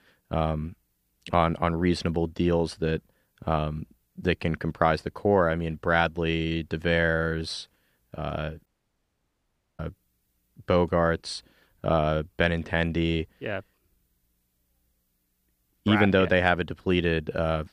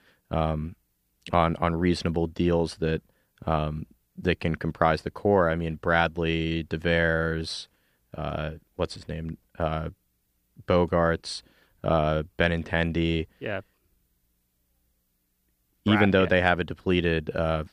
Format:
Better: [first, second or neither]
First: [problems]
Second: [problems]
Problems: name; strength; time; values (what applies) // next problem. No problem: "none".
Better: second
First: audio cutting out; at 8.5 s for 1 s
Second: none